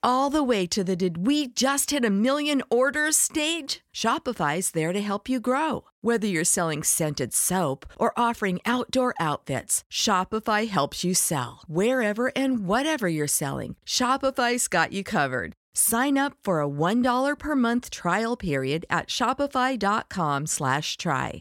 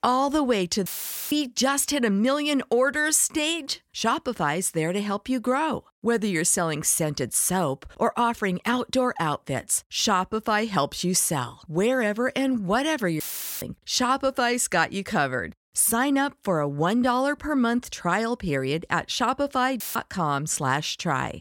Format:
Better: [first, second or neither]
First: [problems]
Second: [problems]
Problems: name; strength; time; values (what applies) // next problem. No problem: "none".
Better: first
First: none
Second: audio cutting out; filled with static; at 1 s, at 13 s and at 20 s